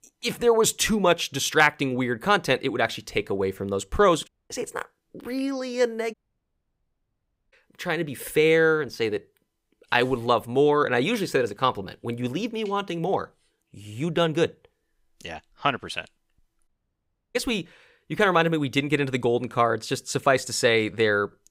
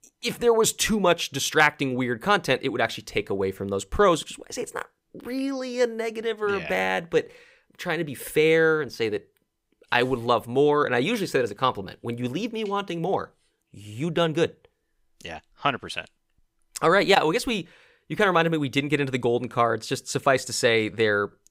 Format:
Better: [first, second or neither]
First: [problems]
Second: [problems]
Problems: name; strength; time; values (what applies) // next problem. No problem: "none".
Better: second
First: audio cutting out; at 4.5 s, at 6 s for 1.5 s and at 17 s for 0.5 s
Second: none